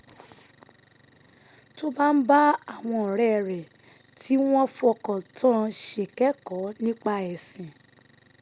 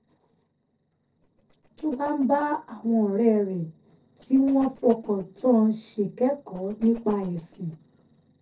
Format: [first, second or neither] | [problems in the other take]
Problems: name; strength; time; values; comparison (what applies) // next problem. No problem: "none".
first | noise reduction (neural separator model SepFormer DNS4)